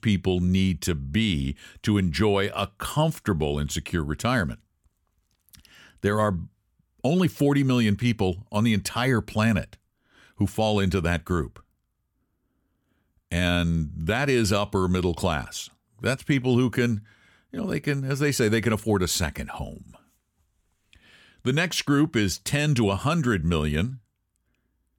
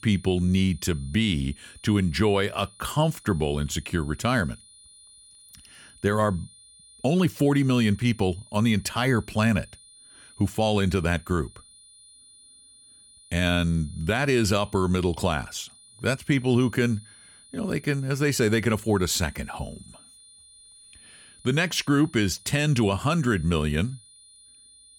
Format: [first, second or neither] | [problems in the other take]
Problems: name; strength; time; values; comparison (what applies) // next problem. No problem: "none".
first | high-pitched whine; faint; throughout; 9.5 kHz, 25 dB below the speech